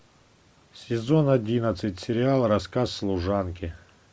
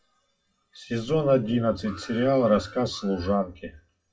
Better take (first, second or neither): first